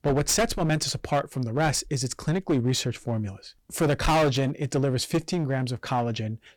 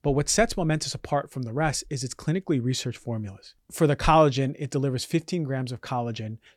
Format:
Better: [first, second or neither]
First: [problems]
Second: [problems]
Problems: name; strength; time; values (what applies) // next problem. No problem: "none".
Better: second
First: distortion; heavy; 13% of the sound clipped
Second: none